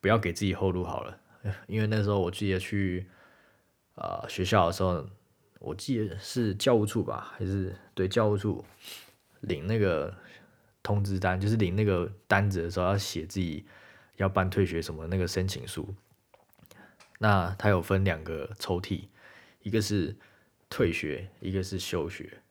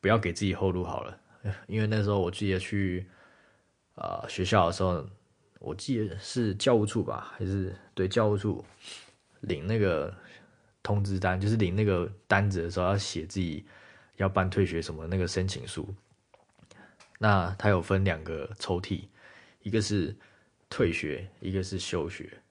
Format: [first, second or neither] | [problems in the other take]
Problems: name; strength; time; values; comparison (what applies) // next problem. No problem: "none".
first | garbled, watery; slightly; nothing above 9 kHz